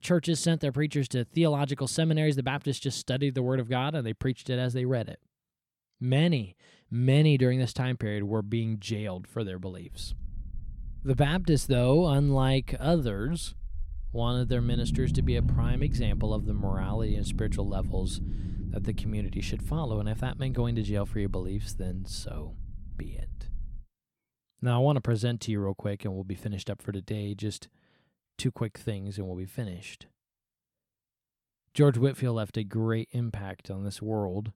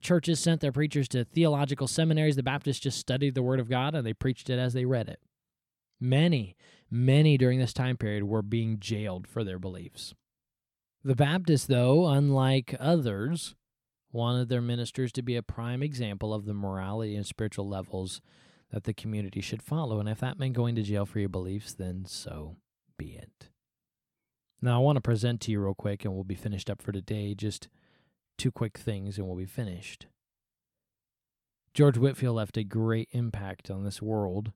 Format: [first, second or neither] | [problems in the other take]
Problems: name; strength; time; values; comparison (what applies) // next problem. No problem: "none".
second | low rumble; noticeable; from 10 to 24 s; 10 dB below the speech